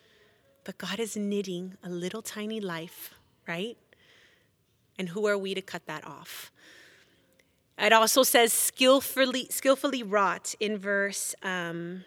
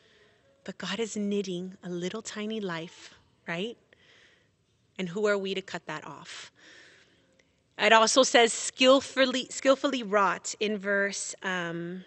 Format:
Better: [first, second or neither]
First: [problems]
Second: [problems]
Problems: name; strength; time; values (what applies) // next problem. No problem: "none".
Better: first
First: none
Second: garbled, watery; slightly; nothing above 8 kHz